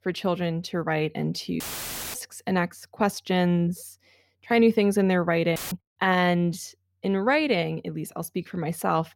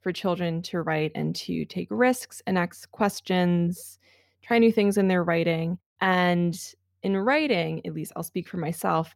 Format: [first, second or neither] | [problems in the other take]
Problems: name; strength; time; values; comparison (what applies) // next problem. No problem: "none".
second | audio cutting out; filled with static; at 1.5 s for 0.5 s and at 5.5 s